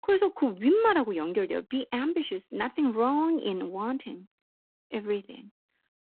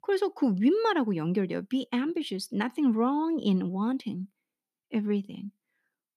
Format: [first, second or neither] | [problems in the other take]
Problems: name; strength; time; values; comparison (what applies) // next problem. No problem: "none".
second | phone-call audio; poor line